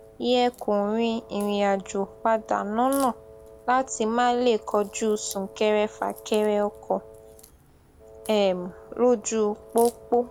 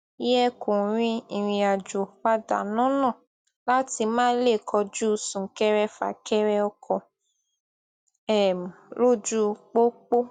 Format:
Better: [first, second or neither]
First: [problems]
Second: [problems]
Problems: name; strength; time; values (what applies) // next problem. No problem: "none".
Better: second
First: background sound (Wind instrument, woodwind instrument + Crack); 20 dB below the speech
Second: none